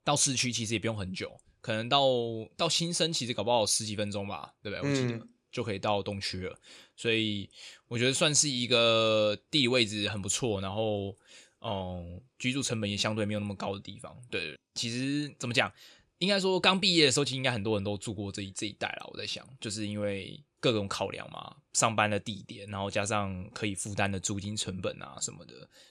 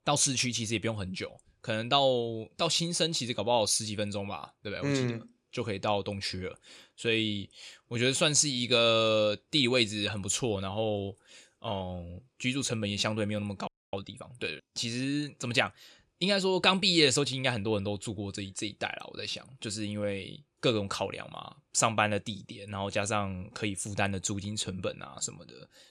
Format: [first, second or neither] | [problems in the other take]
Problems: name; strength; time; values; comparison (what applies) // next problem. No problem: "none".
first | audio freezing; at 14 s